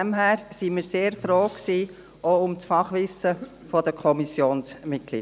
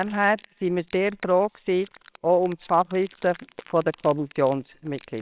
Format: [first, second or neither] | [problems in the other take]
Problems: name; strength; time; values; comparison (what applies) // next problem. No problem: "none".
first | noise reduction (neural separator model SepFormer WHAMR!)